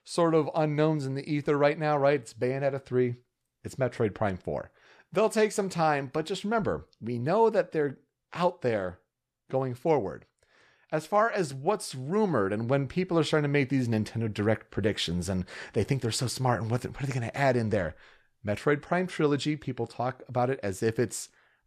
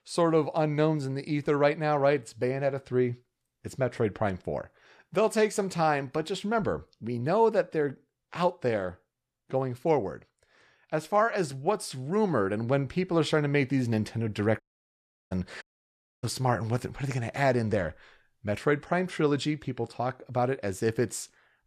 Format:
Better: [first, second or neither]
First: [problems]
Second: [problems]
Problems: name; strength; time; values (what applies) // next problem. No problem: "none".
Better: first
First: none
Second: audio cutting out; at 15 s for 0.5 s and at 16 s for 0.5 s